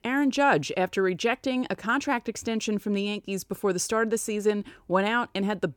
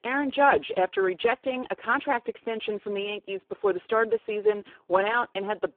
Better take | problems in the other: first | phone-call audio; poor line

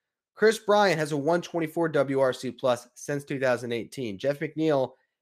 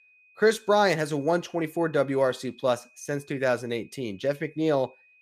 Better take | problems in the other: first | high-pitched whine; faint; throughout; 2.5 kHz, 30 dB below the speech

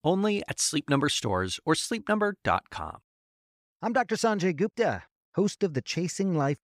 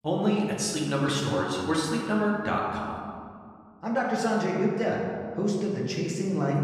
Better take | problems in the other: first | off-mic speech; far // room echo; noticeable; dies away in 1.9 s

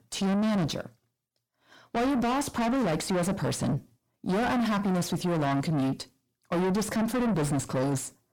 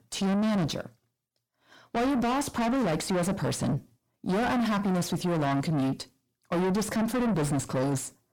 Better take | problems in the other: neither | distortion; heavy; 5 dB below the speech; the same in both

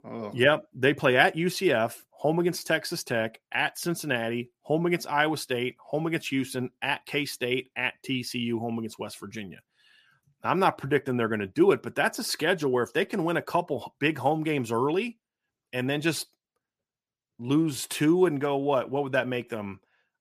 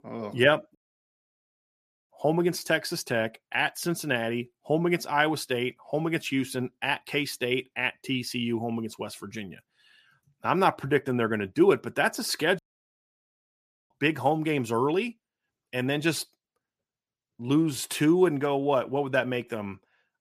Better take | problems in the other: first | audio cutting out; at 1 s for 1.5 s and at 13 s for 1.5 s

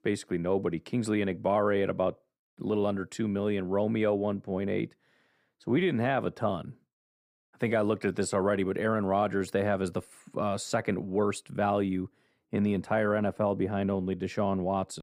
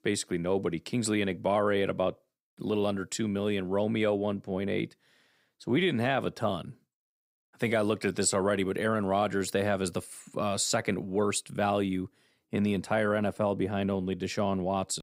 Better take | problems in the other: second | muffled; slightly; fading above 2.5 kHz

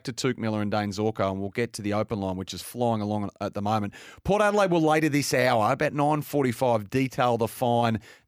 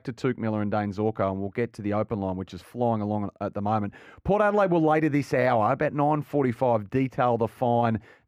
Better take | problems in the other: first | muffled; very; fading above 3 kHz

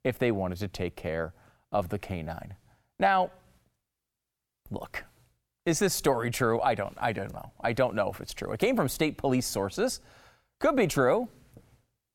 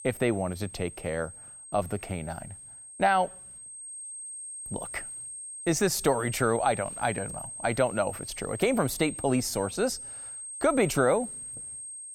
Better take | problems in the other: first | high-pitched whine; loud; throughout; 8.5 kHz, 10 dB below the speech

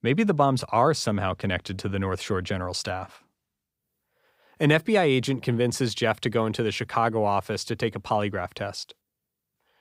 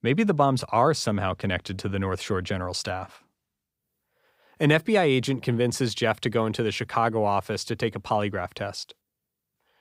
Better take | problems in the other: neither | none

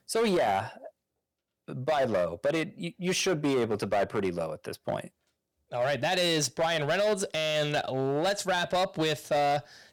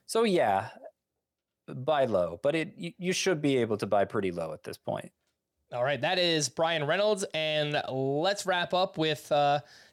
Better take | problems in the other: second | distortion; slight; 10% of the sound clipped

